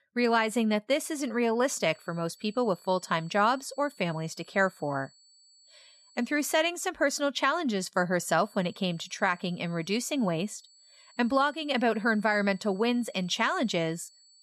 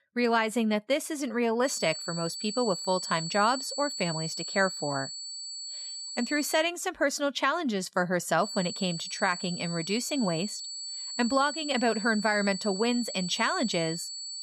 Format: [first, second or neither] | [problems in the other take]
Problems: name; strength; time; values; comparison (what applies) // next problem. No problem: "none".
first | high-pitched whine; loud; from 1.5 to 6.5 s and from 8.5 s on; 4.5 kHz, 7 dB below the speech; faint in the first